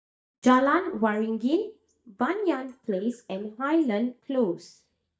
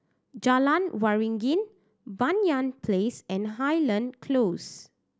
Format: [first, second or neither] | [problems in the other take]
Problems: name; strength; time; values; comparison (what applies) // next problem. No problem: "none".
second | noise reduction (neural mask model DeepFilterNet 3)